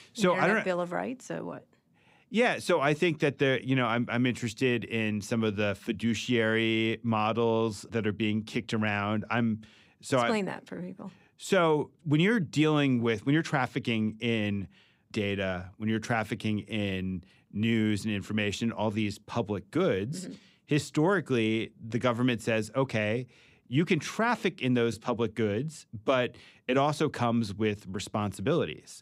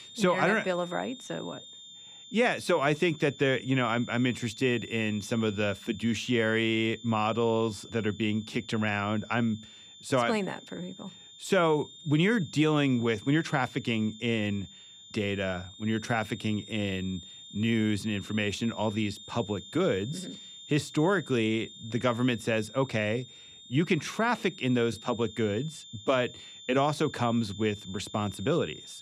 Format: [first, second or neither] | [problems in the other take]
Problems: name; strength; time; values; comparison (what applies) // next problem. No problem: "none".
first | high-pitched whine; noticeable; throughout; 3.5 kHz, 15 dB below the speech